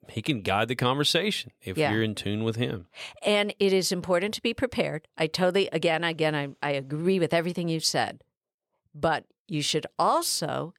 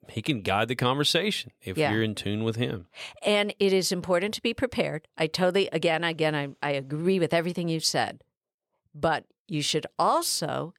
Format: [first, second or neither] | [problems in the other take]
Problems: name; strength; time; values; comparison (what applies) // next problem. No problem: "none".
neither | none